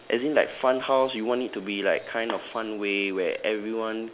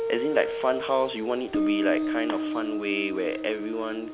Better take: first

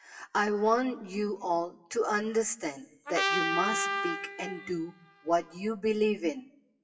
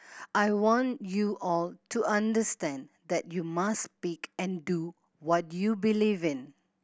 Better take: second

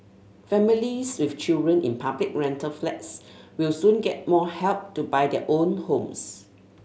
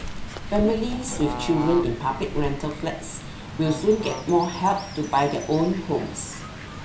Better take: first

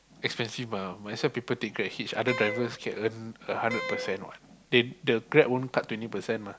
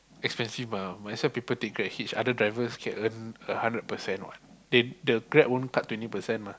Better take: second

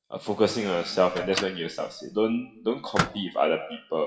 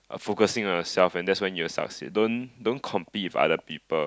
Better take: second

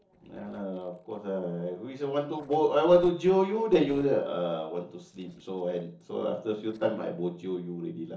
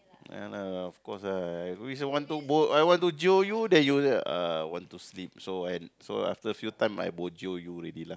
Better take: second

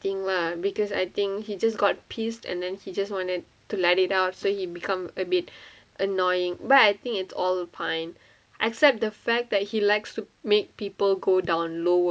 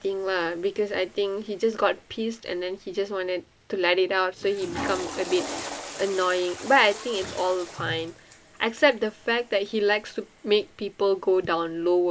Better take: first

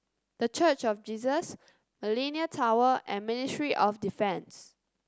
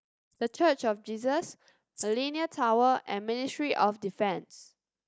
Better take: first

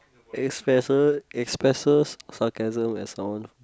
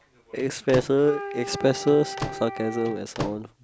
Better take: first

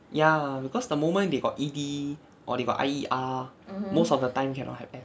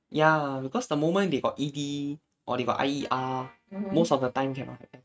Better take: first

